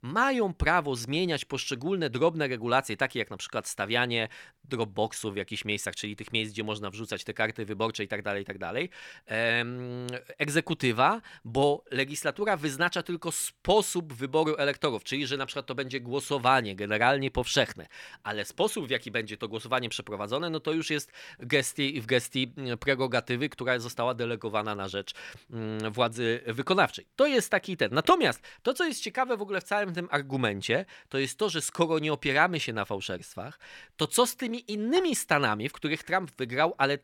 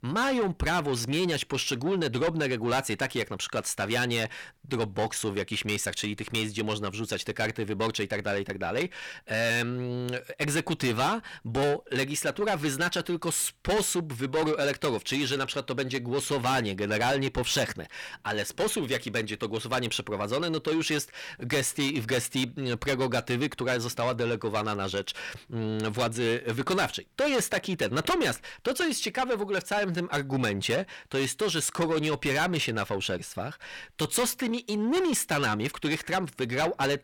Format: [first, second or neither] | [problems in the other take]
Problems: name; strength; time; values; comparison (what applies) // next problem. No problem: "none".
first | distortion; heavy; 6 dB below the speech